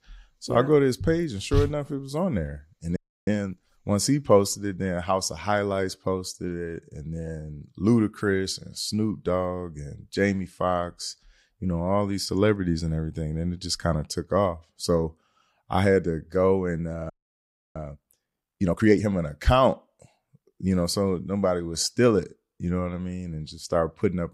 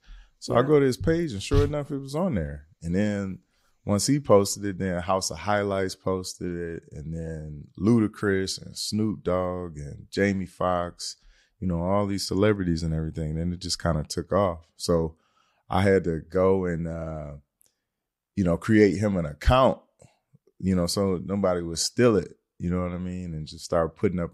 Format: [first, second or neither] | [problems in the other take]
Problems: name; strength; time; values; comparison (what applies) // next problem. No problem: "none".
second | audio freezing; at 3 s and at 17 s for 0.5 s